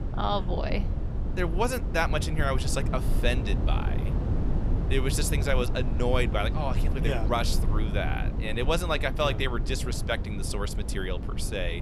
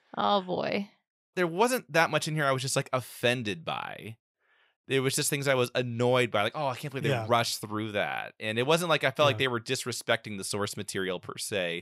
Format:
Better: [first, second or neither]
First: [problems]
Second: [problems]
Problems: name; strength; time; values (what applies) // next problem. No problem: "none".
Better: second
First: low rumble; noticeable; throughout; 10 dB below the speech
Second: none